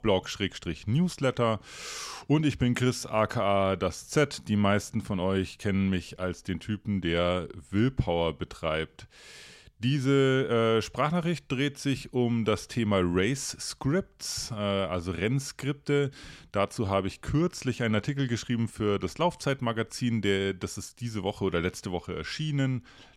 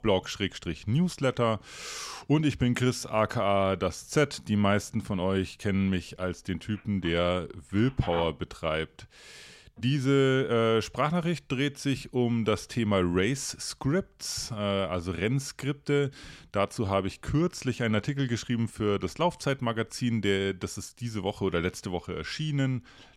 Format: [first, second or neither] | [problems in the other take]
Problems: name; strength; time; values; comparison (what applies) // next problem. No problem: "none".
first | phone ringing; noticeable; from 7 to 10 s; peak 9 dB below the speech